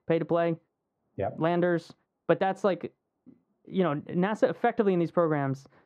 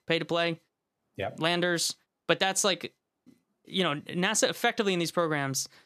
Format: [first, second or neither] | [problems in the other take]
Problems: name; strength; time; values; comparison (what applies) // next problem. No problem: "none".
second | muffled; very; fading above 2.5 kHz